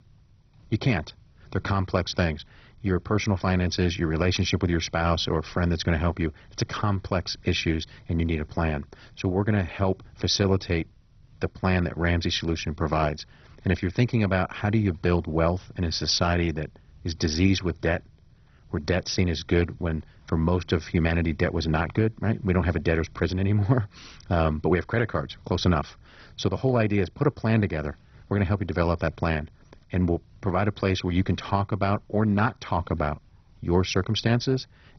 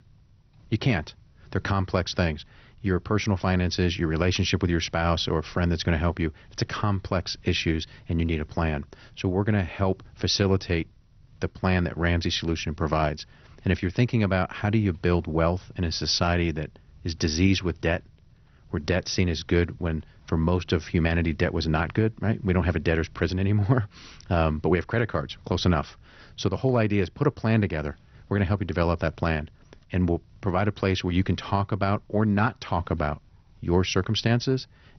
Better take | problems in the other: second | garbled, watery; badly; nothing above 6 kHz; slightly in the second

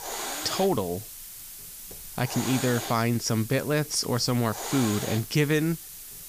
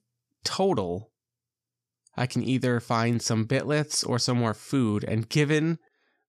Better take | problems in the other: second | hiss; loud; throughout; 9 dB below the speech

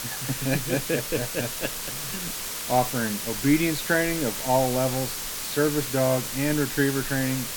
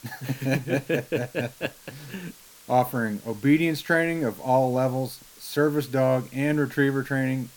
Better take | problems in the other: second | hiss; loud; throughout; 4 dB below the speech; faint in the second

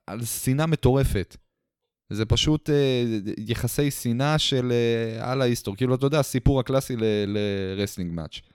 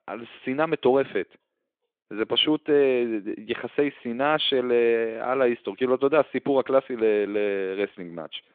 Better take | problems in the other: first | phone-call audio; nothing above 3.5 kHz

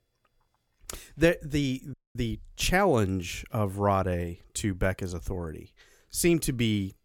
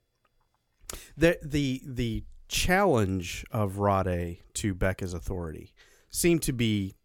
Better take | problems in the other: second | audio freezing; at 2 s

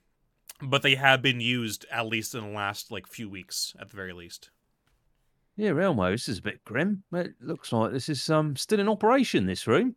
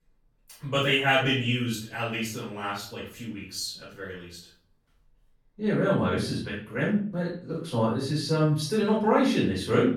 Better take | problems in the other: first | off-mic speech; far // room echo; noticeable; dies away in 0.4 s

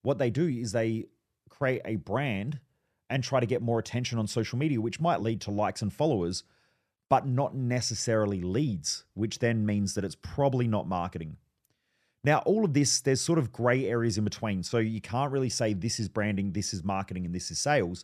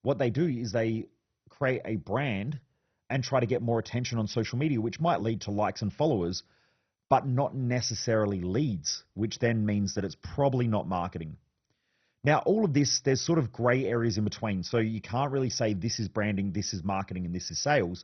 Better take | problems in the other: first | garbled, watery; badly; nothing above 6 kHz

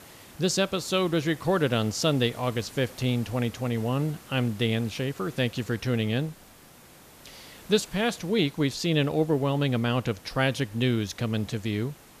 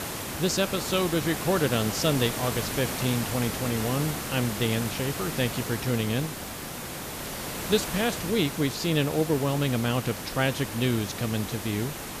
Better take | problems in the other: first | hiss; loud; throughout; 5 dB below the speech; faint in the first

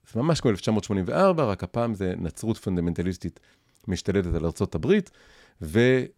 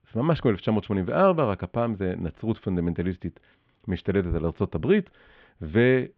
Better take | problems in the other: first | muffled; very; fading above 3 kHz

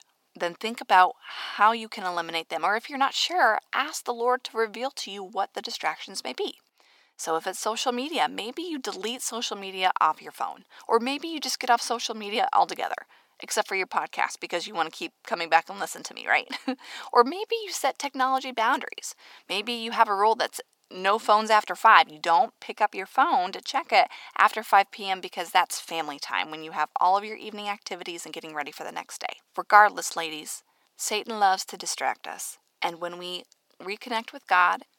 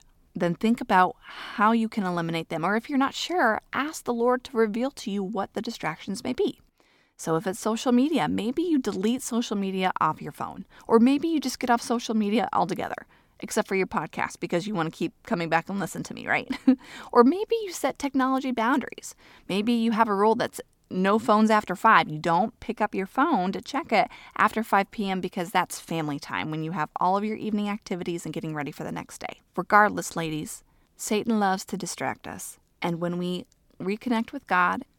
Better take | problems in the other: second | thin; very; fading below 550 Hz

